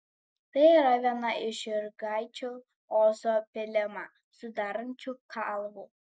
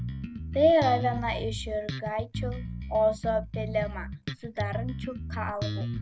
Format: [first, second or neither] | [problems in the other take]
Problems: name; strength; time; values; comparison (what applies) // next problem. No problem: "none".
first | background sound (Bass guitar); 5 dB below the speech